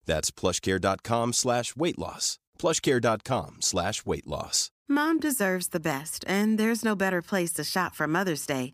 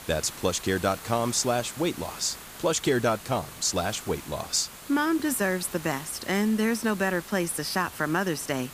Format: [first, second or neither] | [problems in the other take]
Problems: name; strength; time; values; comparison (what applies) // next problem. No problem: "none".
first | hiss; noticeable; throughout; 15 dB below the speech